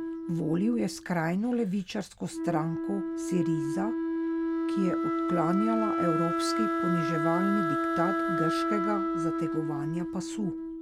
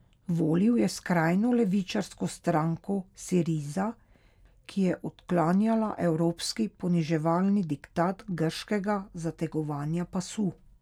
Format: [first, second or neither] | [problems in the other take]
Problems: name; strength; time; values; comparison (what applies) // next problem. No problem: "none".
second | background sound (Wind instrument, woodwind instrument); 1 dB above the speech